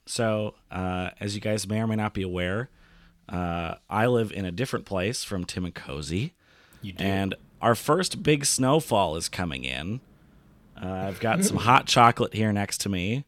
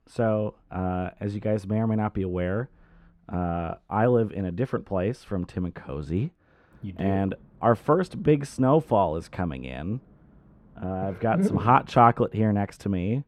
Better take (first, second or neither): first